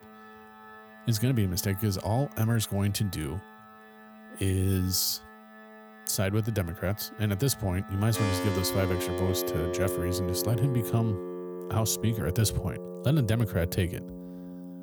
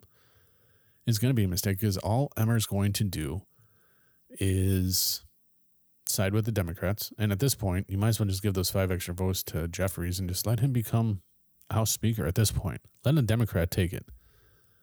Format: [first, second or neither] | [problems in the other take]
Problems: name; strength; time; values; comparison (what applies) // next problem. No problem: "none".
second | background music; loud; throughout; 8 dB below the speech